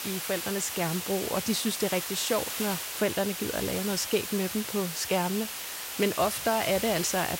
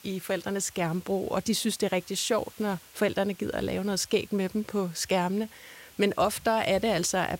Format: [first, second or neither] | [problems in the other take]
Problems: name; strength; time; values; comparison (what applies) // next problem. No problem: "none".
second | hiss; loud; throughout; 4 dB below the speech; faint in the second